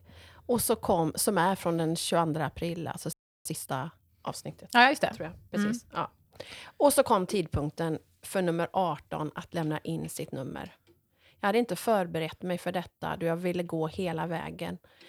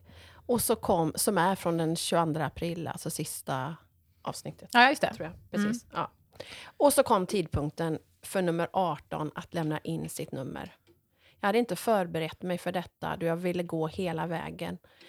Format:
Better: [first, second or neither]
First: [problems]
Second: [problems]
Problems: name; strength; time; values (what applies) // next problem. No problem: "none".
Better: second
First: audio freezing; at 3 s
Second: none